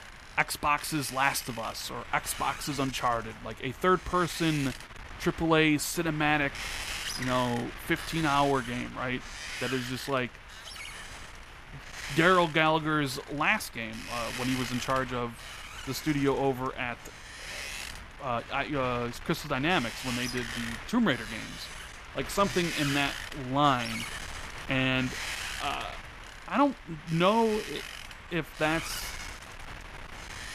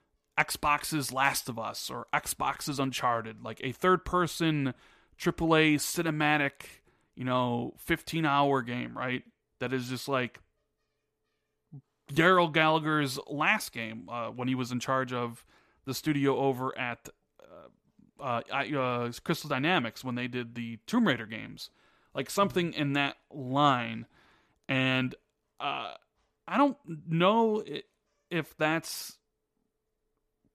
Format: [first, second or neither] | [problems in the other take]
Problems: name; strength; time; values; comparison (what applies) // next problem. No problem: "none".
second | wind noise on the microphone; heavy; 10 dB below the speech